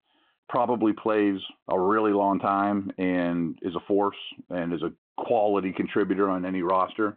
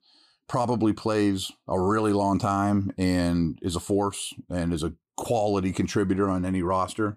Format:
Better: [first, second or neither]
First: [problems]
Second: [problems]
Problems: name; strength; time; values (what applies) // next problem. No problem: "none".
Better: second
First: phone-call audio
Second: none